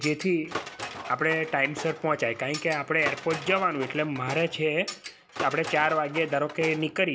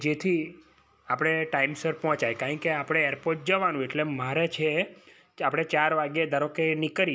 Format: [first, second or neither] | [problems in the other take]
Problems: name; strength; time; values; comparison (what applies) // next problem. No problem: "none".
second | background sound (Tools); 12 dB below the speech